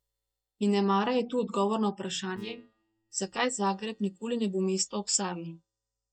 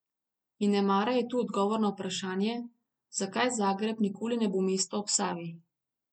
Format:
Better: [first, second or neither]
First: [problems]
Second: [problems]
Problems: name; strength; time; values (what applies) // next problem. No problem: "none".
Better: second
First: noise reduction (neural mask model DeepFilterNet 3)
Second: none